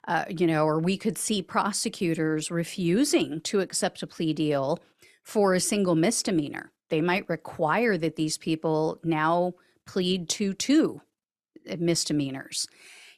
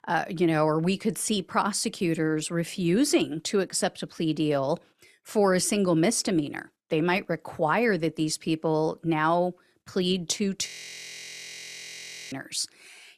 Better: first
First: none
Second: audio freezing; at 11 s for 1.5 s

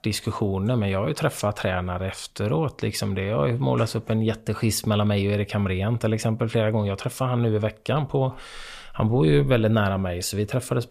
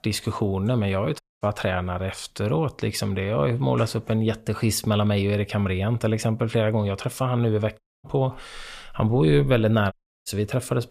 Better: first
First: none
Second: audio cutting out; at 1 s, at 8 s and at 10 s

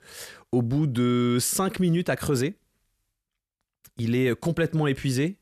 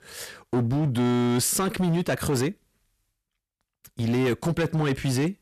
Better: first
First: none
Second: distortion; slight; 15% of the sound clipped

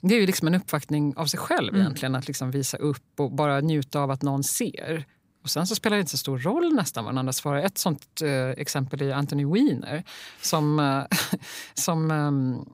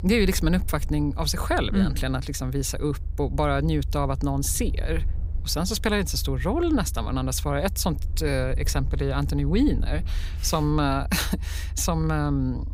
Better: first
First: none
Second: low rumble; faint; throughout; 20 dB below the speech

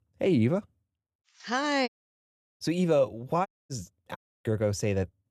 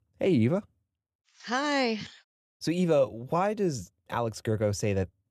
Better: second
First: audio cutting out; at 2 s, at 3.5 s and at 4 s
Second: none

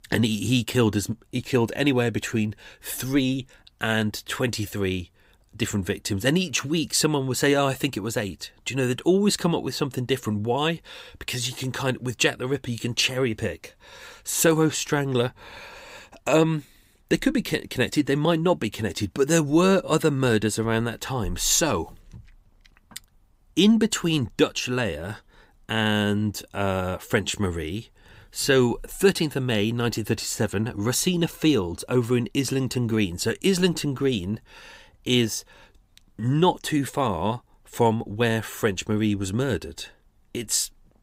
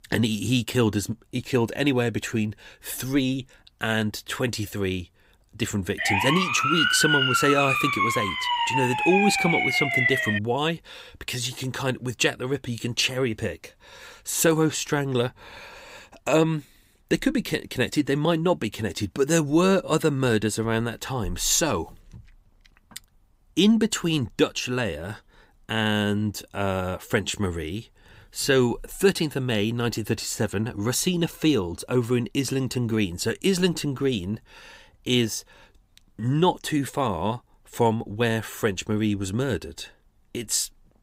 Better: first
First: none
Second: siren; loud; from 6 to 10 s; peak 5 dB above the speech

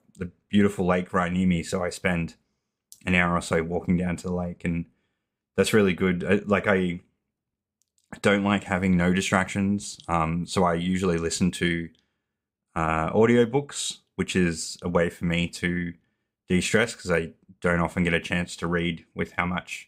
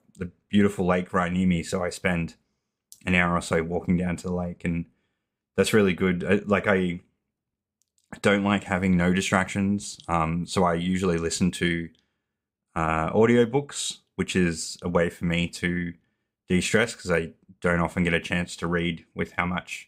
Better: neither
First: none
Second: none

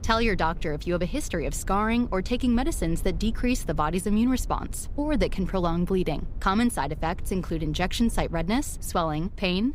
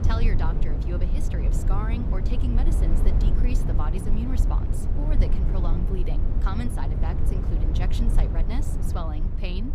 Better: first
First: low rumble; faint; throughout; 25 dB below the speech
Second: low rumble; loud; throughout; 2 dB below the speech

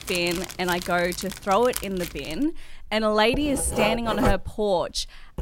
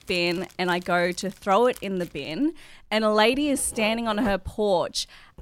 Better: second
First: household noises; loud; throughout; 7 dB below the speech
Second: household noises; faint; throughout; 20 dB below the speech

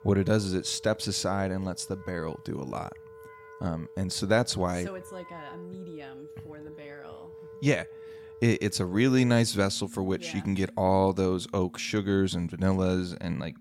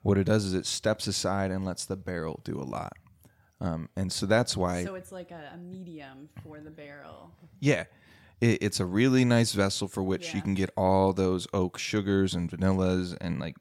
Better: second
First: background music; noticeable; throughout; 20 dB below the speech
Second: none

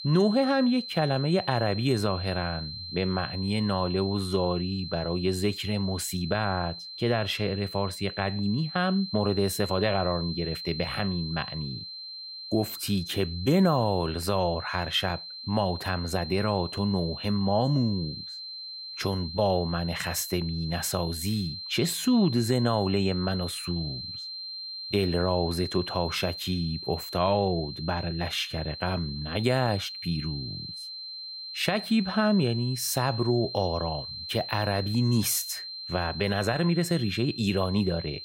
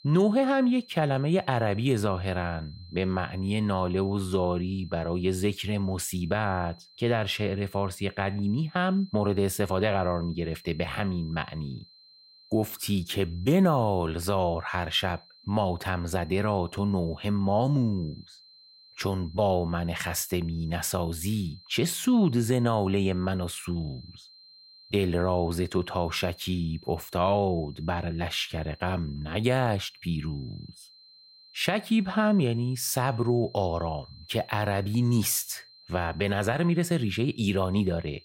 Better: second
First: high-pitched whine; loud; throughout; 4 kHz, 9 dB below the speech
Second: high-pitched whine; faint; throughout; 4 kHz, 25 dB below the speech

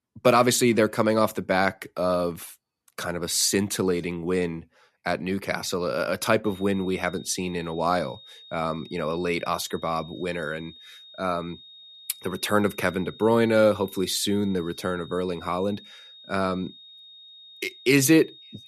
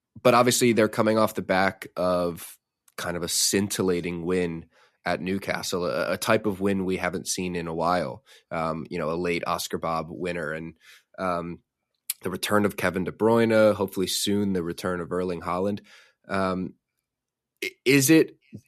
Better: second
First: high-pitched whine; faint; from 6.5 s on; 3.5 kHz, 20 dB below the speech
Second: none

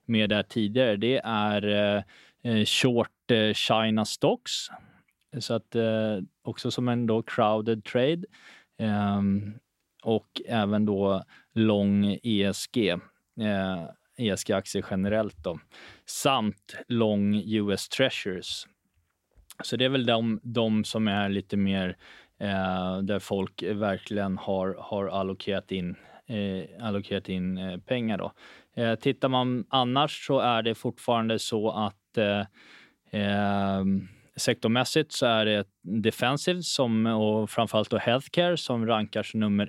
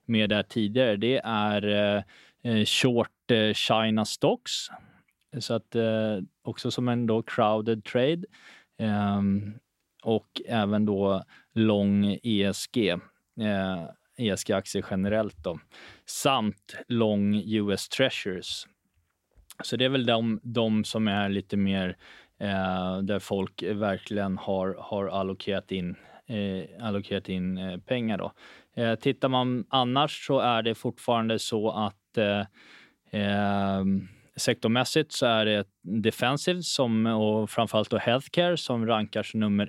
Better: neither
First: none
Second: none

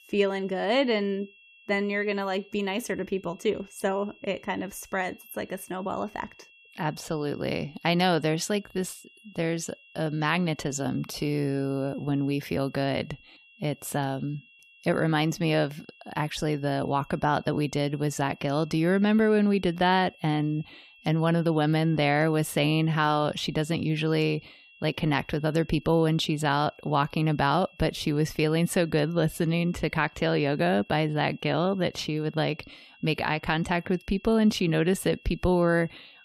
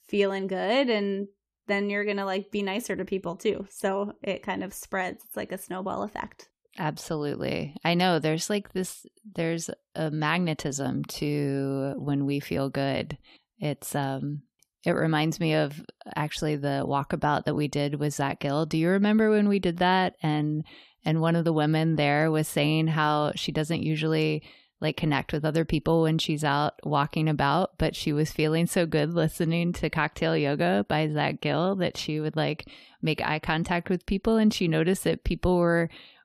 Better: second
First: high-pitched whine; faint; throughout; 2.5 kHz, 25 dB below the speech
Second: none

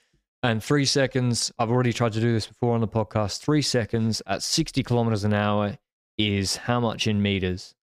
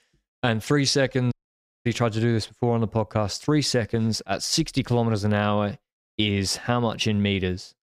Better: first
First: none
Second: audio cutting out; at 1.5 s for 0.5 s

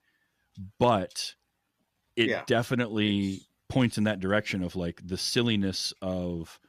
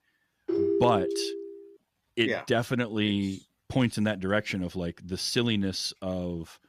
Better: first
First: none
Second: phone ringing; loud; until 1.5 s; peak 2 dB above the speech

